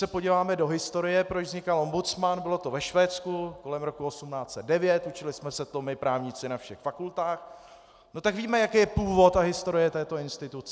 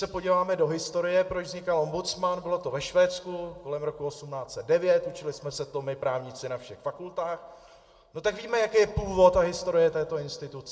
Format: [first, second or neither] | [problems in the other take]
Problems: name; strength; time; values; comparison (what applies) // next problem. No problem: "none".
first | room echo; dies away in 0.9 s